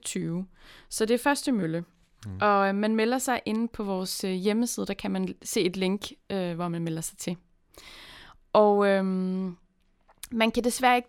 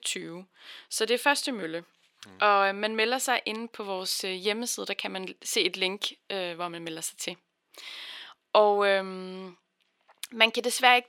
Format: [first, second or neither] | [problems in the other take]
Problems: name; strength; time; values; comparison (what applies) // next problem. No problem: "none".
first | thin; somewhat; fading below 400 Hz